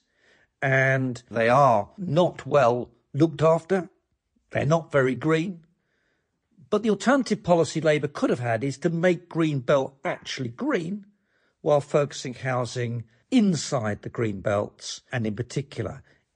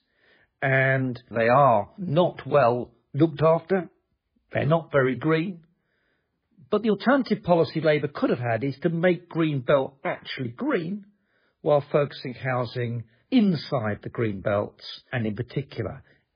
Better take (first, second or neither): first